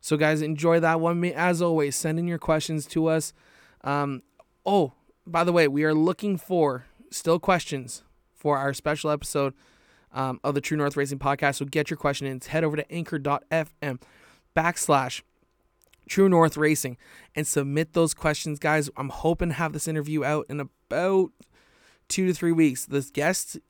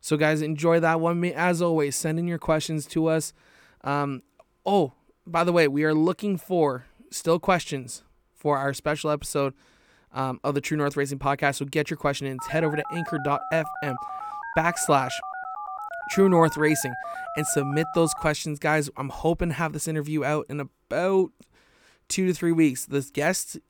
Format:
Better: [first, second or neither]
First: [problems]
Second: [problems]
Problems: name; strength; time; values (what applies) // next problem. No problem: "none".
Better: first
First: none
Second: phone ringing; noticeable; from 12 to 18 s; peak 9 dB below the speech